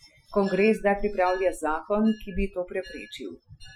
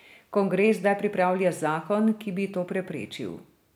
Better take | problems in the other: second | noise reduction (classical method Wiener filter)

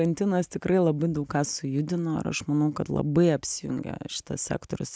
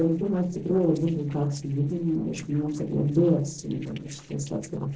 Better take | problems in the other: first | noise reduction (neural separator model SepFormer DNS4)

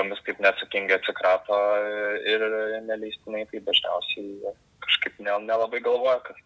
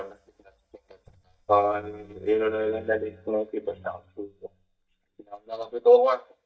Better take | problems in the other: first | noise reduction (neural mask model DeepFilterNet 3)

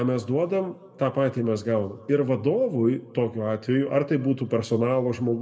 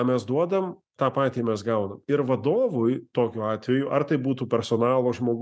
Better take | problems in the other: second | room echo; dies away in 0.9 s

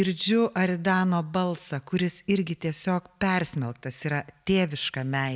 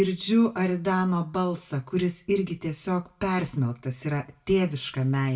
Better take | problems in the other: first | room echo; dies away in 0.2 s

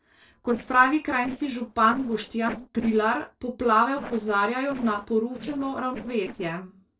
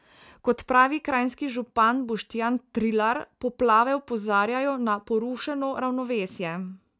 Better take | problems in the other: second | noise reduction (neural separator model SepFormer DNS4)

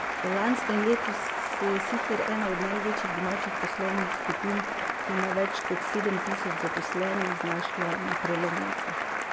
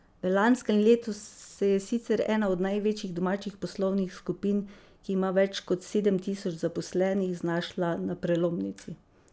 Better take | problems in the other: second | background sound (Applause); 1 dB above the speech

